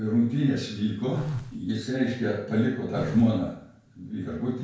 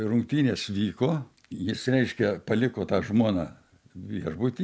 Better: second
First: background sound (Telephone); 12 dB below the speech // room echo; dies away in 0.5 s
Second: none

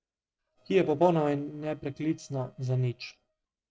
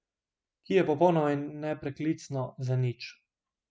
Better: second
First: noise reduction (neural separator model SepFormer DNS4)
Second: none

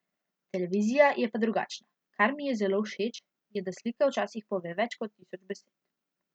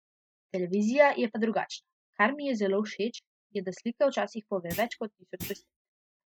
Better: first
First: none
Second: noise reduction (classical method Wiener filter)

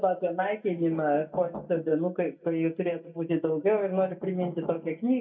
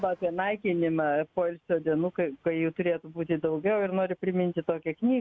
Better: second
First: noise reduction (neural mask model DeepFilterNet 3)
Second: none

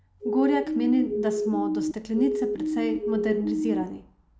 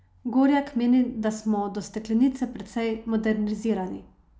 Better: second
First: background sound (Siren); as loud as the speech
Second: none

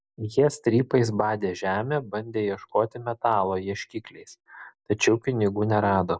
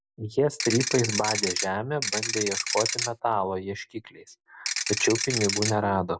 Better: first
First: none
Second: background sound (Ratchet, pawl / Percussion); 1 dB below the speech

